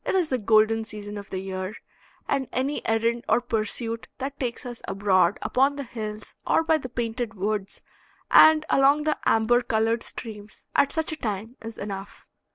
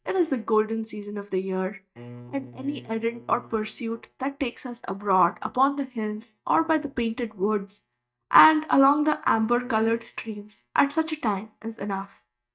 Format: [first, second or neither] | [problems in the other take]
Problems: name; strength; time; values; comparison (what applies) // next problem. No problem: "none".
first | noise reduction (neural mask model DeepFilterNet 3)